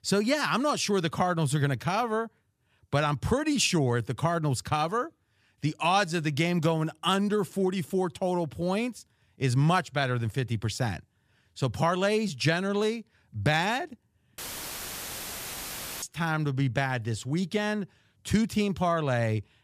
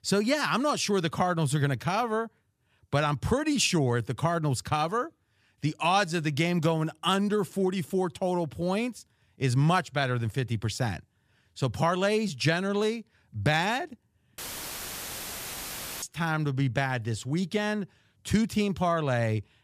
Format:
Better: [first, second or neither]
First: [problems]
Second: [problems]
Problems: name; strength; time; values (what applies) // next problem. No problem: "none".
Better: neither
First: audio cutting out; filled with static; at 14 s for 1.5 s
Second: audio cutting out; filled with static; at 14 s for 1.5 s